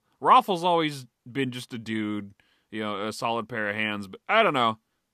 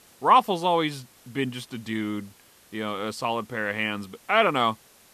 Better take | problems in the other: first | hiss; faint; throughout; 30 dB below the speech

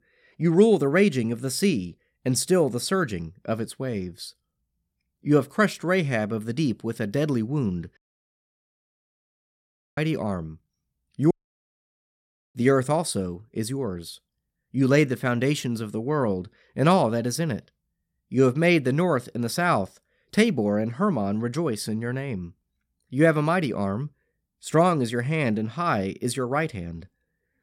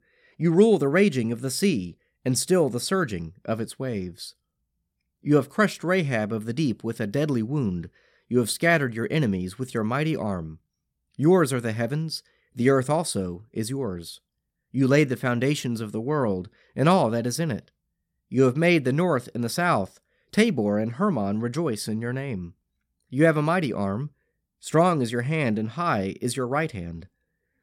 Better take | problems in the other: second | audio cutting out; at 8 s for 2 s and at 11 s for 1 s

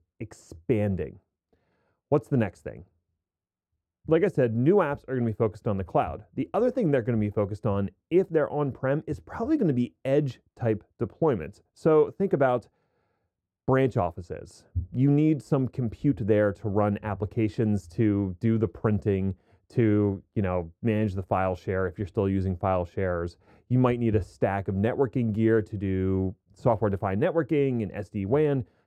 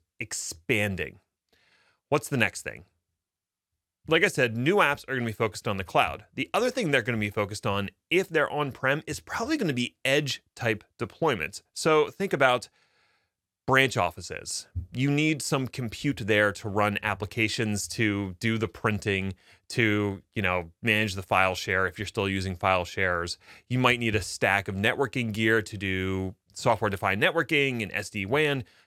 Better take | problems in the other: second | muffled; very; fading above 1 kHz

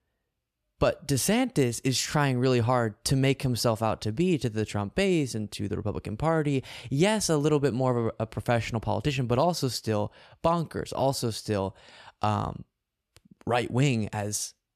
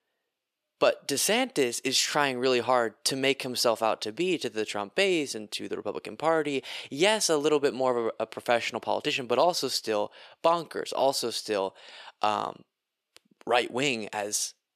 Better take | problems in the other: first | thin; somewhat; fading below 400 Hz

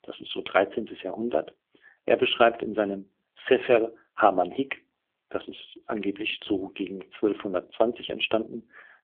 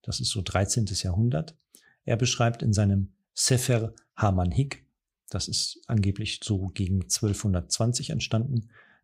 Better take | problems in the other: second | phone-call audio; poor line; nothing above 3.5 kHz

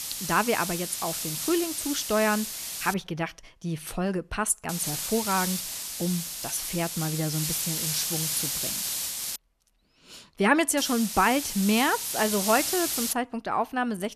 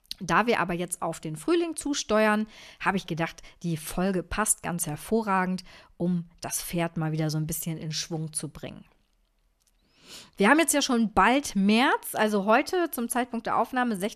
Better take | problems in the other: second | hiss; loud; until 3 s, from 4.5 to 9.5 s and from 11 to 13 s; 2 dB below the speech

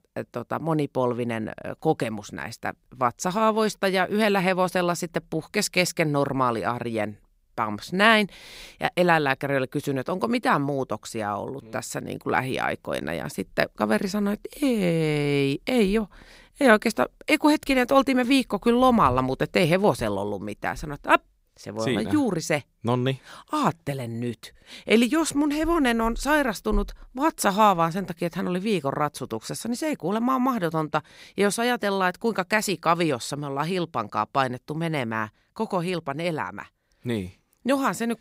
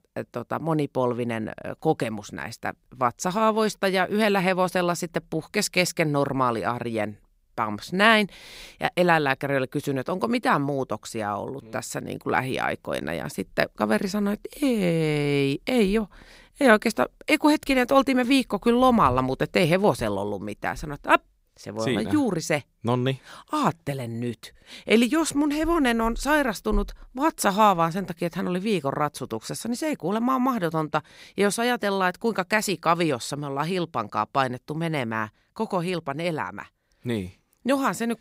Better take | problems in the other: neither | none

